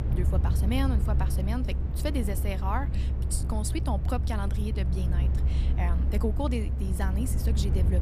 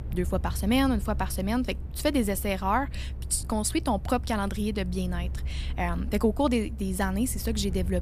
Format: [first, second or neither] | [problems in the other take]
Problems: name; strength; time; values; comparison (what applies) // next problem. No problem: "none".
second | low rumble; loud; throughout; 7 dB below the speech; faint in the second